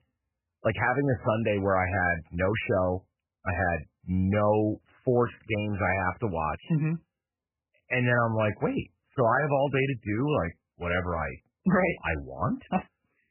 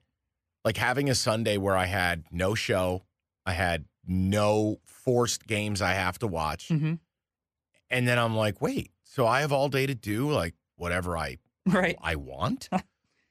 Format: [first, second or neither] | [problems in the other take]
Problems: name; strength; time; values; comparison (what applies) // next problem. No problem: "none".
second | garbled, watery; badly; nothing above 3 kHz